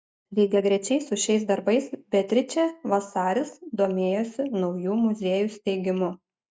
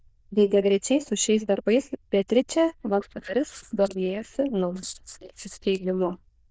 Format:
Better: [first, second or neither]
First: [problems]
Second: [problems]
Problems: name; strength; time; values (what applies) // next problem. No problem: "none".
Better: first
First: none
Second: noise reduction (neural diffusion model UNIVERSE++)